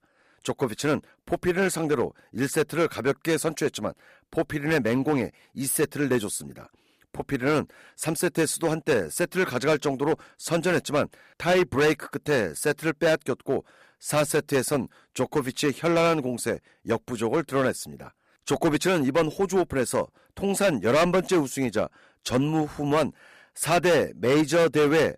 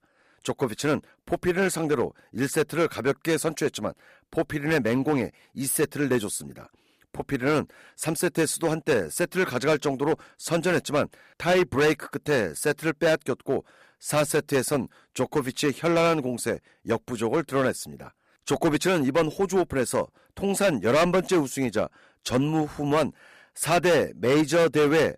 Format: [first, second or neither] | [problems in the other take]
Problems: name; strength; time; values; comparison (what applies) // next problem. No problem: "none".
neither | distortion; slight; 7% of the sound clipped; the same in both